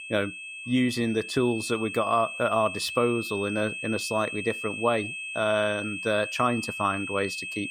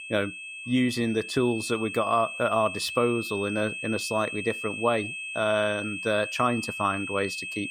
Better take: neither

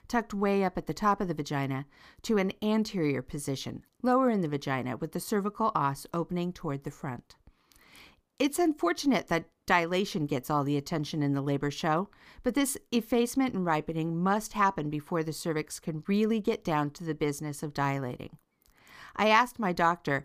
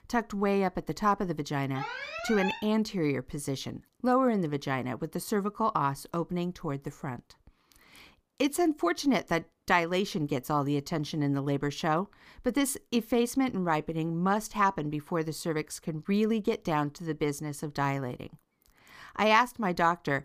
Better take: first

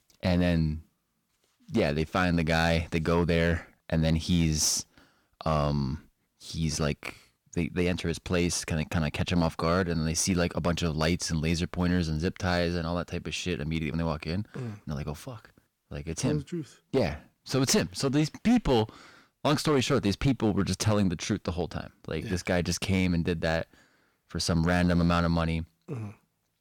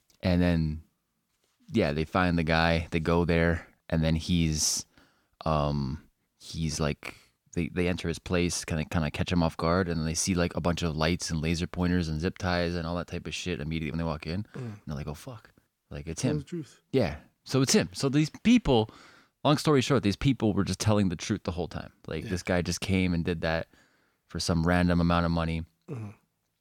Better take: second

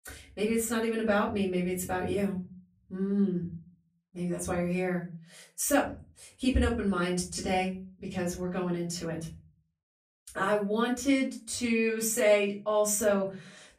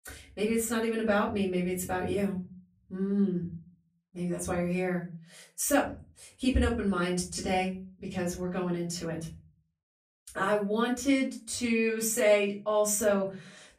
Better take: neither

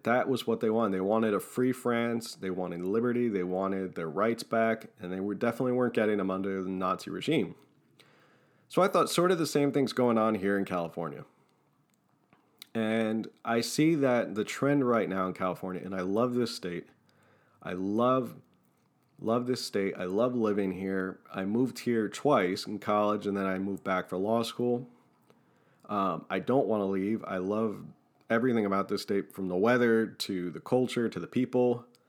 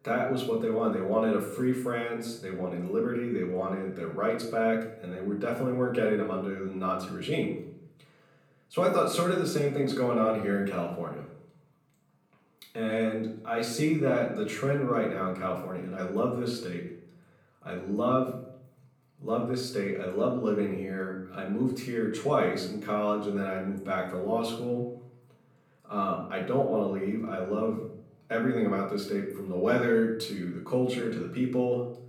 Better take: first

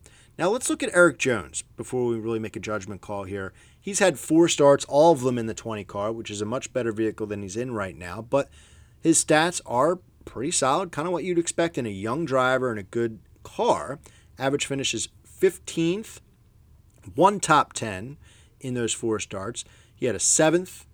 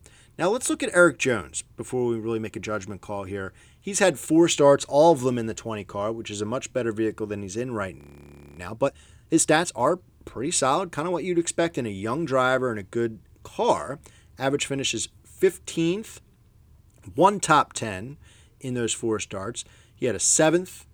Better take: first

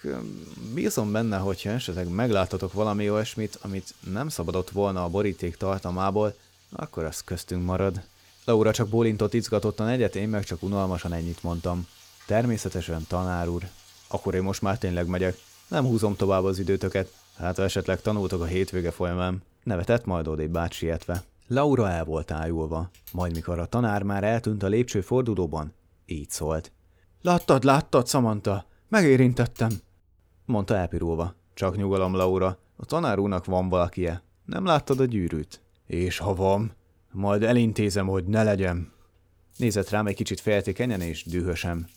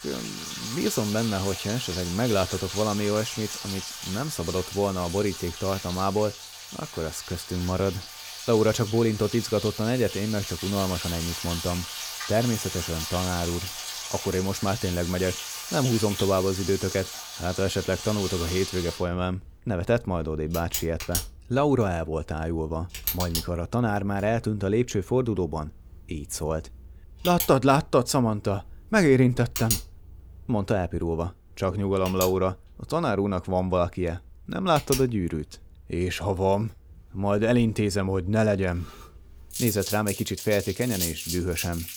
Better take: first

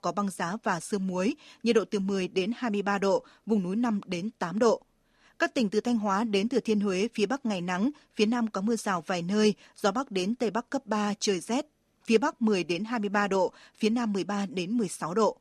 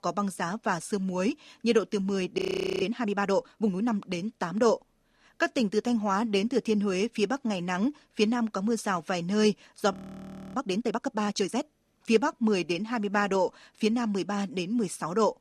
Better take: first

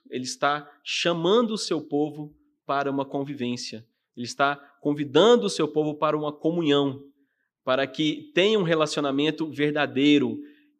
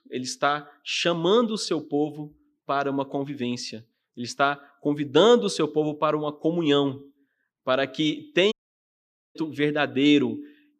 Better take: first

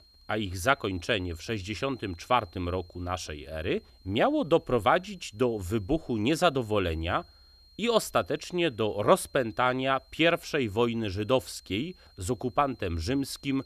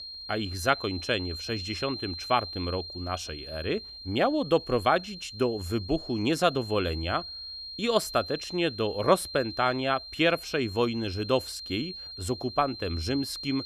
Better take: first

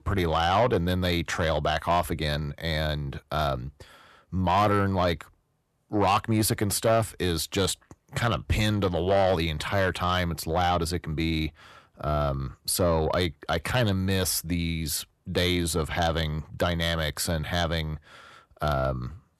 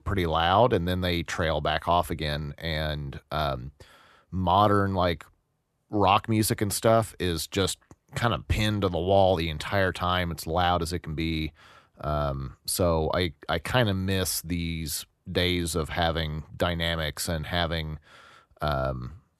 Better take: second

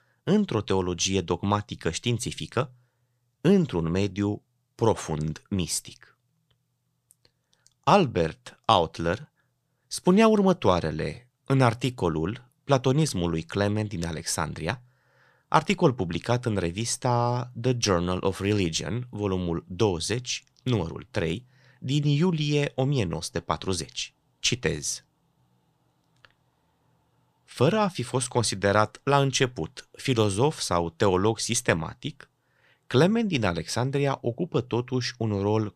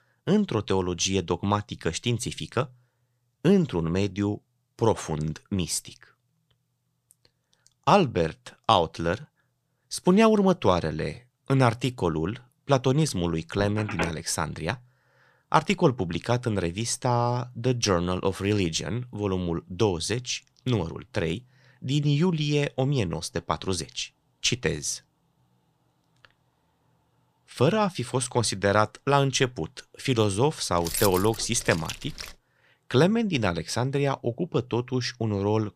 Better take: first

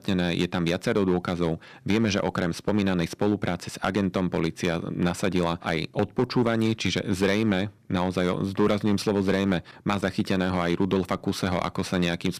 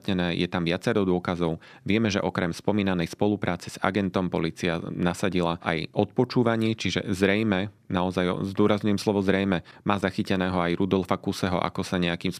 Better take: second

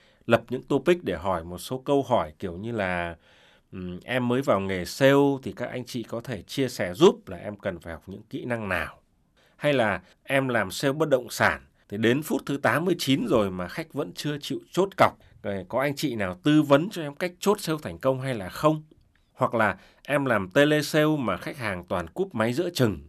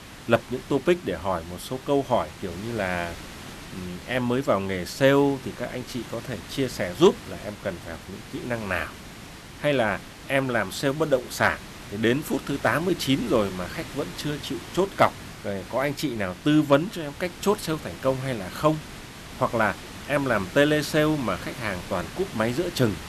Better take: first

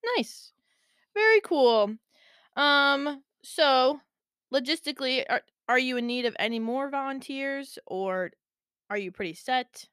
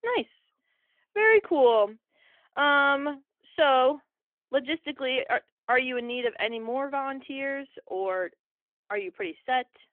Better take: first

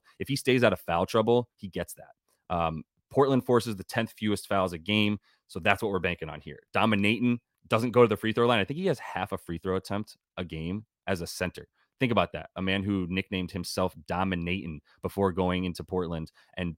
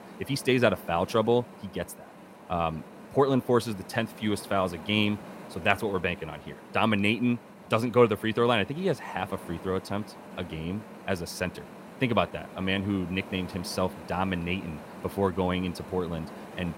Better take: first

